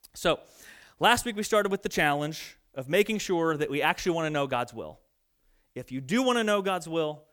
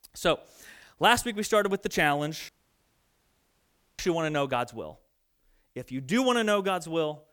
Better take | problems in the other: first | audio cutting out; at 2.5 s for 1.5 s

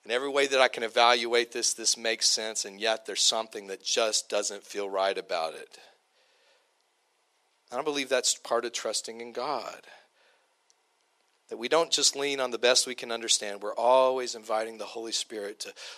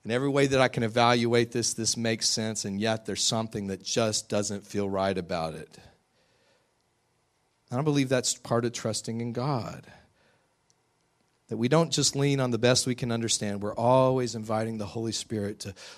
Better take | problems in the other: second | thin; very; fading below 450 Hz

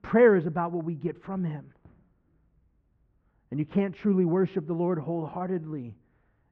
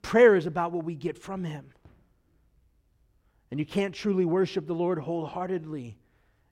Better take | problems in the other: second | muffled; very; fading above 1.5 kHz

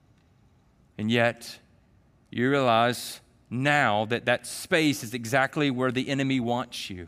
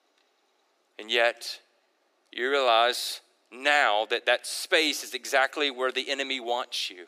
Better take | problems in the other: first | thin; very; fading below 350 Hz

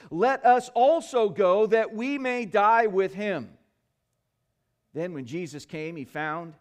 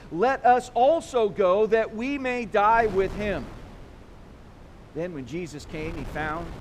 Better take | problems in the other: first | wind noise on the microphone; occasional gusts; 25 dB below the speech

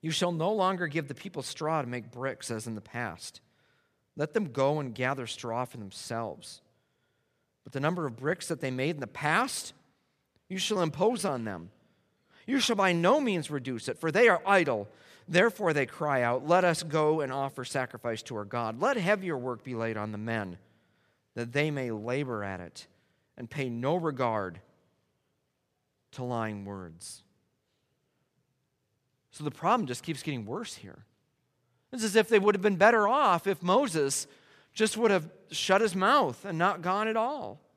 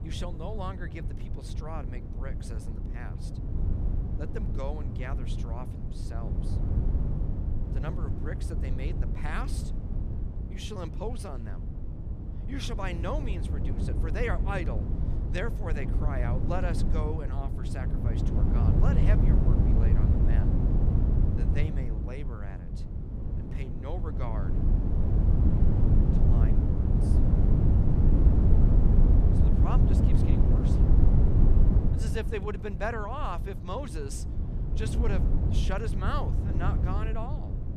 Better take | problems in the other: first | low rumble; loud; throughout; 2 dB below the speech

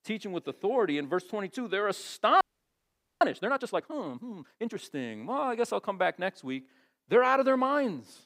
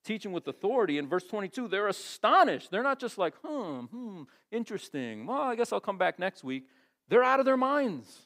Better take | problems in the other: second | audio freezing; at 2.5 s for 1 s

